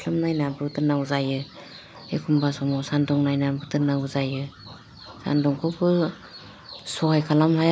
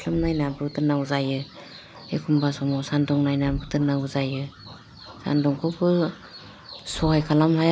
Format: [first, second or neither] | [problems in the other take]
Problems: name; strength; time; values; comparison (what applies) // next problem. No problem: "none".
first | background sound (Thump, thud); 18 dB below the speech